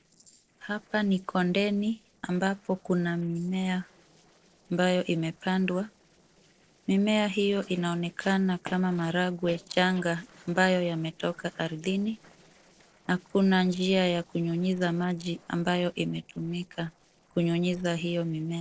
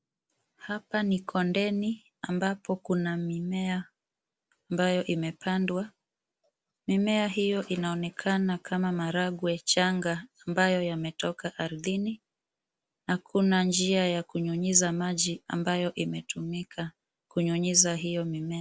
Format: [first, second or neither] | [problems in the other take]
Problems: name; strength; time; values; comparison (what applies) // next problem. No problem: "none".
second | noise reduction (neural separator model SepFormer DNS4)